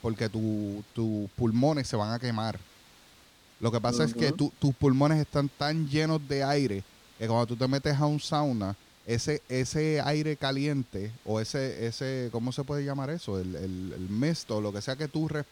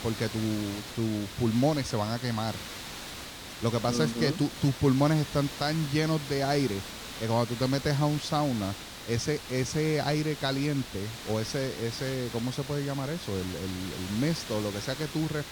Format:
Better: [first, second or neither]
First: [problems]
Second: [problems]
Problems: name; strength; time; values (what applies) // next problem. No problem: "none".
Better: first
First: hiss; faint; throughout; 25 dB below the speech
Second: hiss; loud; throughout; 10 dB below the speech